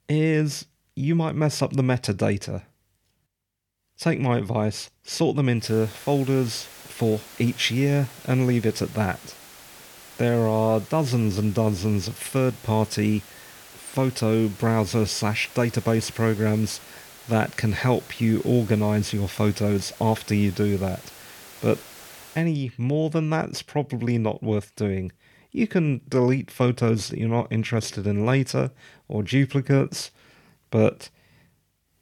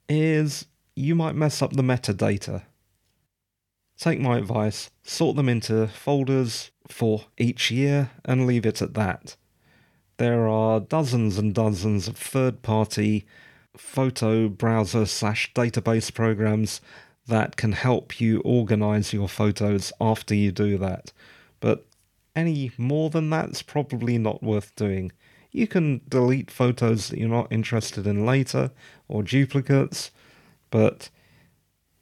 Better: second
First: hiss; noticeable; from 5.5 to 22 s; 20 dB below the speech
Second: none

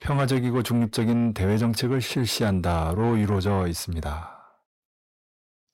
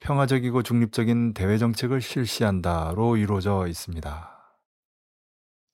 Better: second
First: distortion; slight; 10 dB below the speech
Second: none

